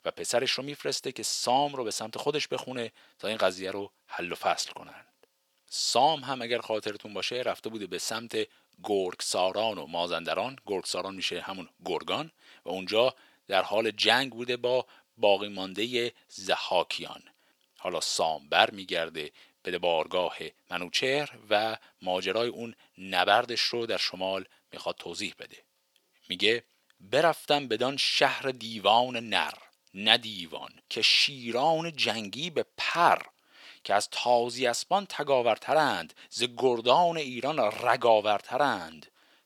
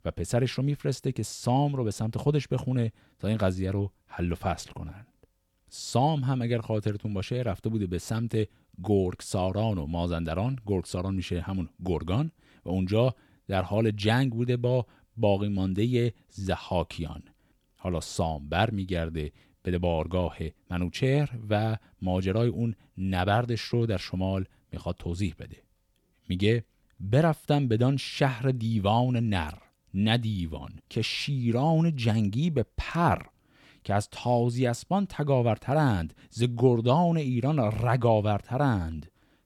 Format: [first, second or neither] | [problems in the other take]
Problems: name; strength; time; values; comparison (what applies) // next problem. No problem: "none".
second | thin; very; fading below 550 Hz